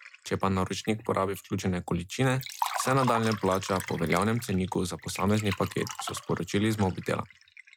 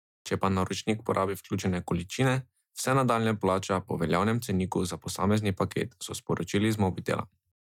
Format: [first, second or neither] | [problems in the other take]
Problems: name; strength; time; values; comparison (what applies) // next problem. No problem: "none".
second | background sound (Liquid); 11 dB below the speech